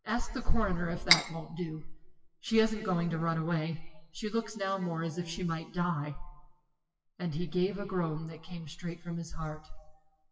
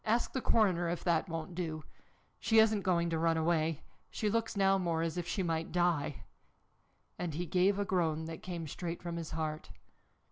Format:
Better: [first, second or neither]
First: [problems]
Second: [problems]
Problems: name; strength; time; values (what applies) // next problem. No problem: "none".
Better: second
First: noise reduction (classical method WPE with log-MMSE)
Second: none